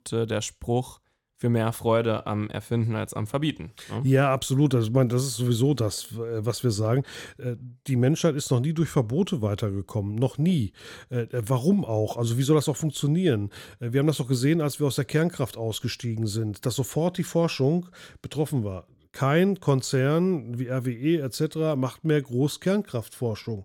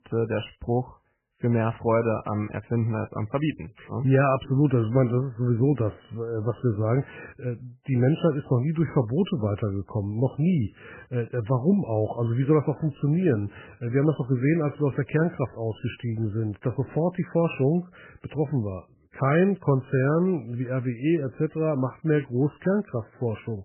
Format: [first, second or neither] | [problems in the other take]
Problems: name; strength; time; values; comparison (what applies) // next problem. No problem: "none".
first | garbled, watery; badly; nothing above 3 kHz